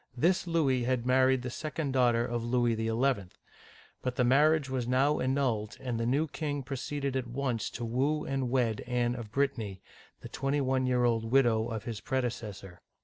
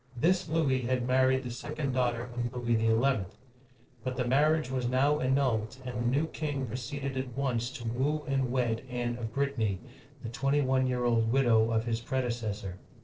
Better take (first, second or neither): first